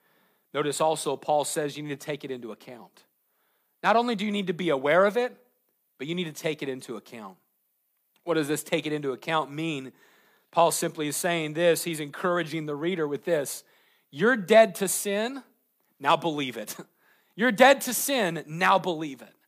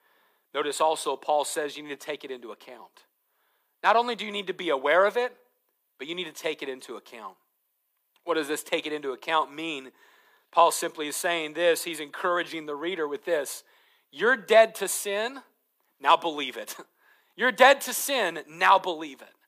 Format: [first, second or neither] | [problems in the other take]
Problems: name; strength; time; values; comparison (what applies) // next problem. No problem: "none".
first | thin; somewhat; fading below 400 Hz